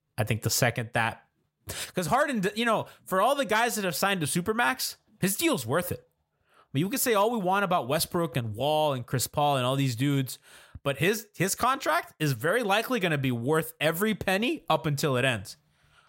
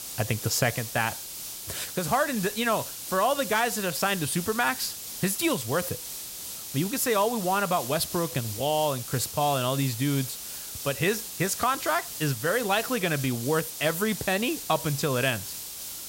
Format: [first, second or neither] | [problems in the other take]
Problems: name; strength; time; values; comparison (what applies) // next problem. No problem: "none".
first | hiss; loud; throughout; 7 dB below the speech